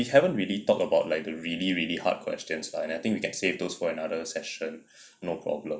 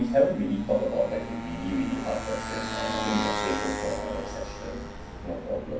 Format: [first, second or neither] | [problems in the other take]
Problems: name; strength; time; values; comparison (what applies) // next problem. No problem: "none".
first | background sound (Motorcycle); 5 dB below the speech // room echo; dies away in 0.6 s